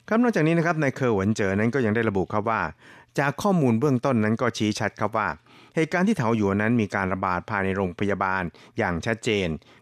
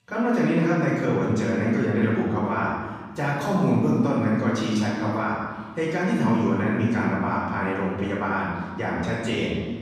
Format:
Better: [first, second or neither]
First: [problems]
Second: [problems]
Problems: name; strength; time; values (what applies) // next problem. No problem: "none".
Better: first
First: none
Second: off-mic speech; far // room echo; strong; dies away in 1.5 s